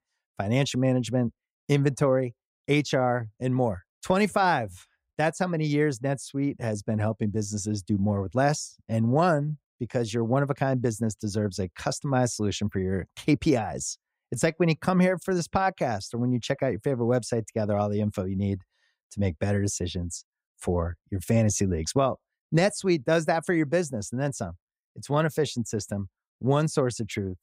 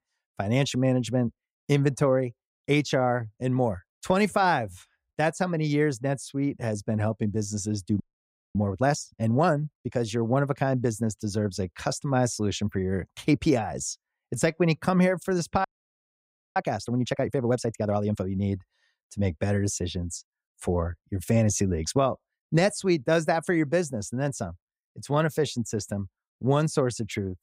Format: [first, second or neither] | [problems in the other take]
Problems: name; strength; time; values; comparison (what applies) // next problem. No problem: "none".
first | audio freezing; at 8 s for 0.5 s and at 16 s for 1 s